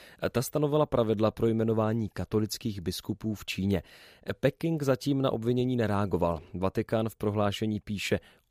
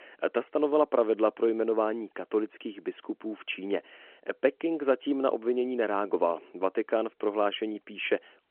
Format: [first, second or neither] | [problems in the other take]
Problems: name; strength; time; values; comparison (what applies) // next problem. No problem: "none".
first | phone-call audio